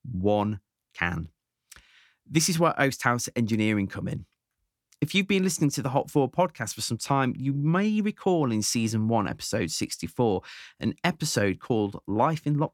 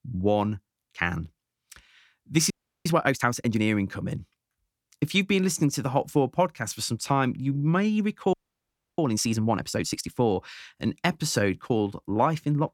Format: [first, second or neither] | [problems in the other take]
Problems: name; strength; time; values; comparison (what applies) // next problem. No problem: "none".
first | audio freezing; at 2.5 s and at 8.5 s for 0.5 s